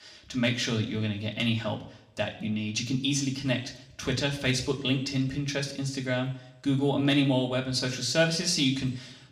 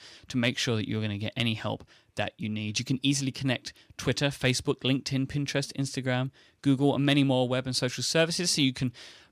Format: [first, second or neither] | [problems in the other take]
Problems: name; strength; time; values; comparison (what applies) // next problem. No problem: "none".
second | room echo; very slight; dies away in 0.6 s // off-mic speech; somewhat distant